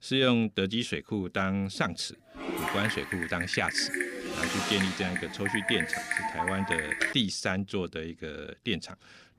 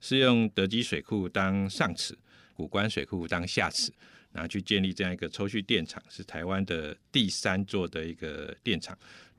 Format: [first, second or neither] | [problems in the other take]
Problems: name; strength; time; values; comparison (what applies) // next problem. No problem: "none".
second | keyboard typing; loud; from 2.5 to 7 s; peak 3 dB above the speech